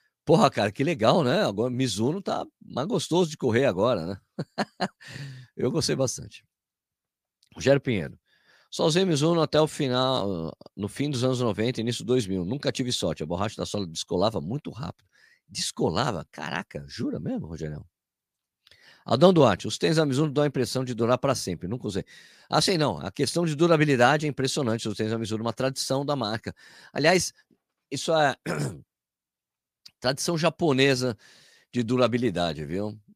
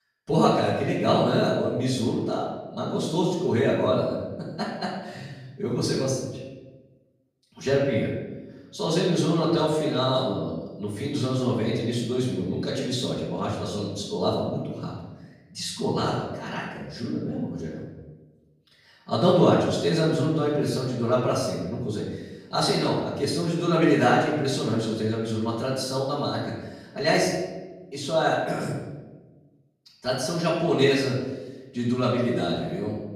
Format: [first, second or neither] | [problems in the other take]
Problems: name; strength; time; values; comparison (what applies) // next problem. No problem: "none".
first | room echo; noticeable; dies away in 1 s // off-mic speech; far